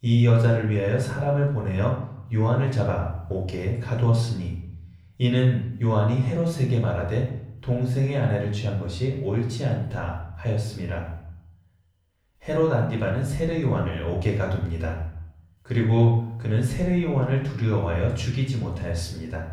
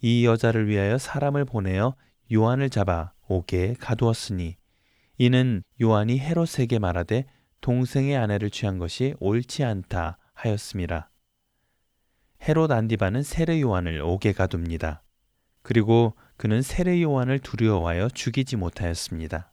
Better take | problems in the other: second | off-mic speech; far // room echo; noticeable; dies away in 0.7 s

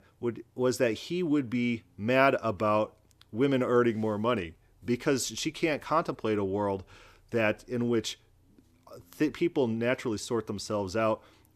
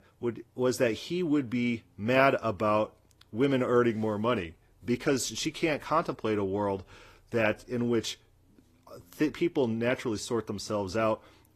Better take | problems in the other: first | garbled, watery; slightly; nothing above 14.5 kHz

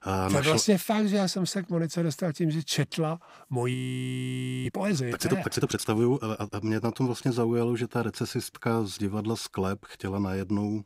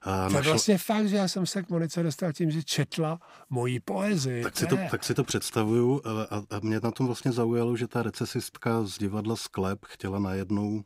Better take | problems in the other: second | audio freezing; at 3.5 s for 1 s

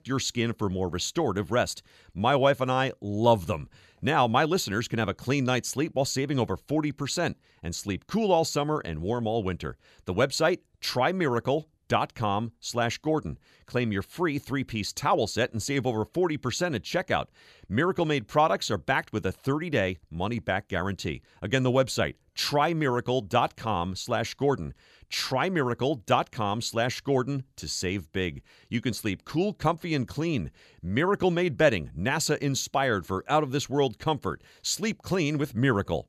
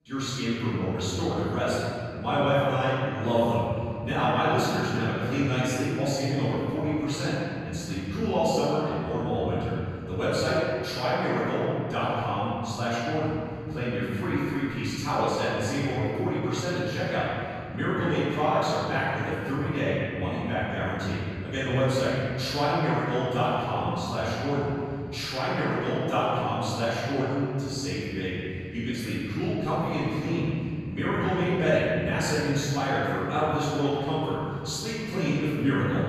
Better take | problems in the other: first | off-mic speech; far // room echo; strong; dies away in 2.7 s

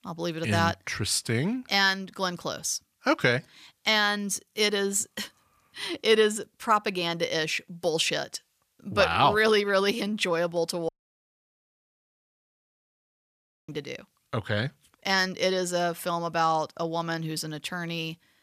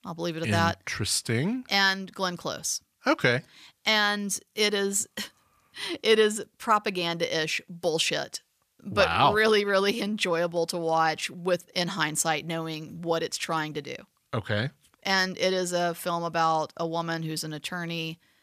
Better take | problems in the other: second | audio cutting out; at 11 s for 3 s

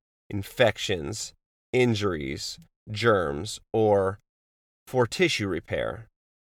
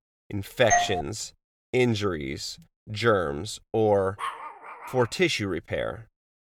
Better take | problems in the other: first | doorbell; loud; at 0.5 s; peak 3 dB above the speech // dog barking; noticeable; at 4 s; peak 8 dB below the speech

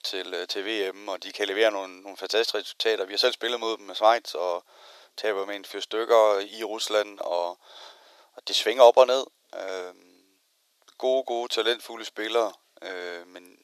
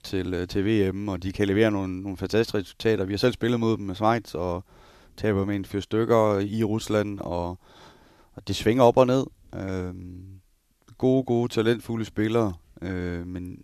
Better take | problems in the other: second | thin; very; fading below 450 Hz

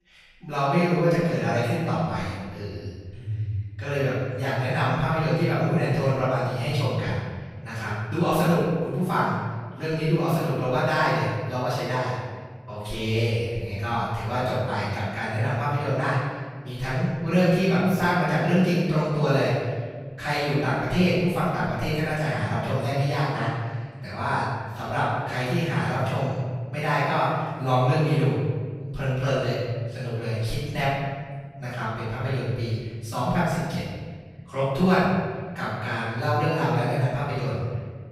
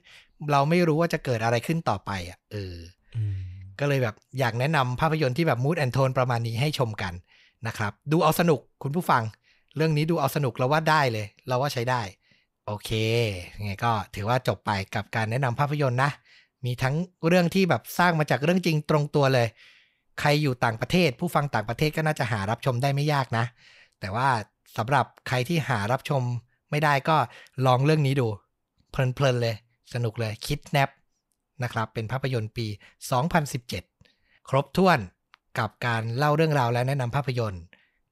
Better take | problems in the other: second | room echo; strong; dies away in 1.5 s // off-mic speech; far

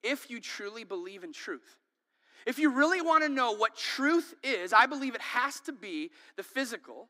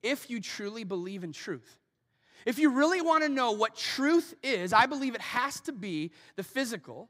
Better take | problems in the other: second | thin; very slightly; fading below 250 Hz

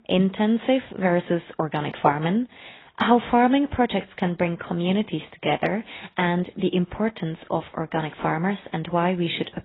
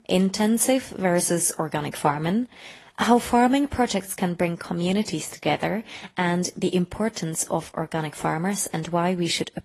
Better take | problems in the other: second | garbled, watery; badly; nothing above 4 kHz; slightly in the second

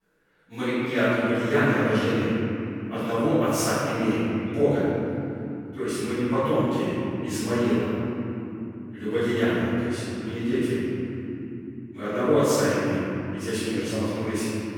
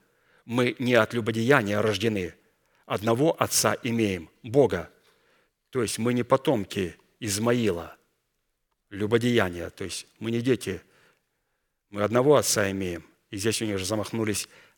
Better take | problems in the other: second | room echo; strong; dies away in 3 s // off-mic speech; far

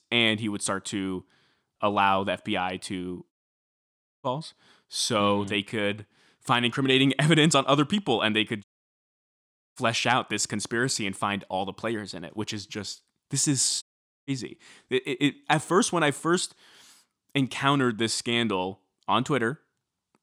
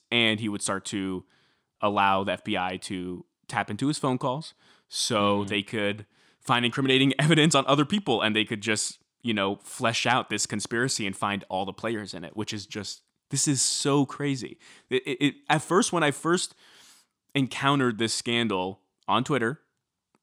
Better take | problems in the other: second | audio cutting out; at 3.5 s for 1 s, at 8.5 s for 1 s and at 14 s

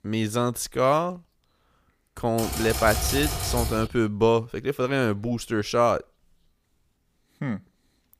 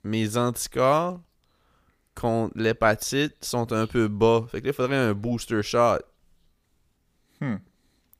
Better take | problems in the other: second | keyboard typing; noticeable; from 2.5 to 4 s; peak 1 dB below the speech

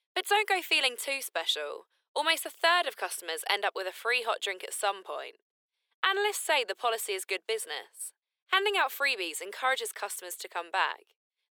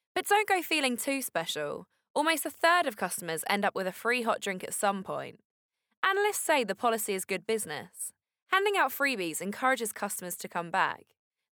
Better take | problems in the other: second | thin; very; fading below 350 Hz

